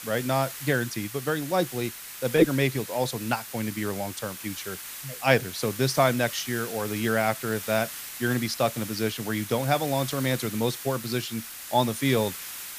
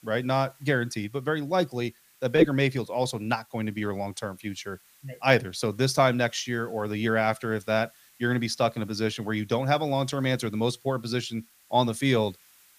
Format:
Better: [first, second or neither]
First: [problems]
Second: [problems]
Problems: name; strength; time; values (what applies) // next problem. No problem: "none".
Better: second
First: hiss; loud; throughout; 9 dB below the speech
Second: hiss; faint; throughout; 30 dB below the speech